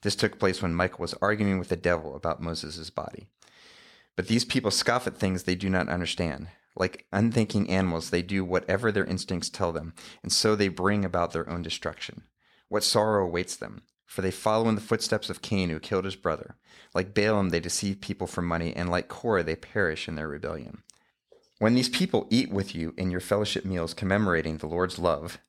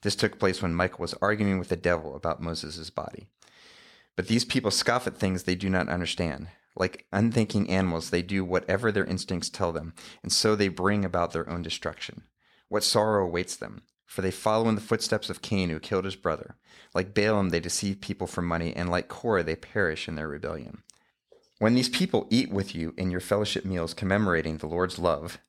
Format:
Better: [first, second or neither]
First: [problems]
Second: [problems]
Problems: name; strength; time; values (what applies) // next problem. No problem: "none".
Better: neither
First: none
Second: none